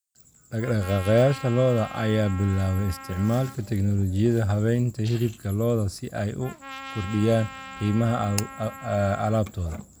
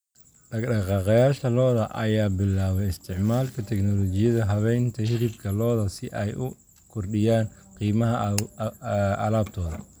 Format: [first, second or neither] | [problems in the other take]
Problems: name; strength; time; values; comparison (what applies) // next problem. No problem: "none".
second | background sound (Trumpet); 16 dB below the speech